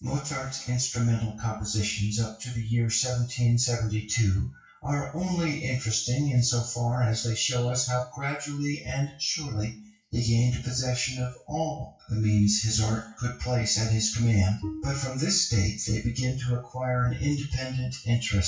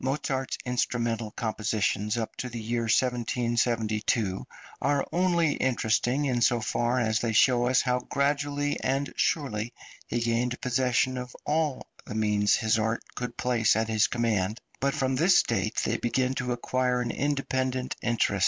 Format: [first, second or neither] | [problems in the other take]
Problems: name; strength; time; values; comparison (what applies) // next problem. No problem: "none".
second | noise reduction (classical method WPE with log-MMSE)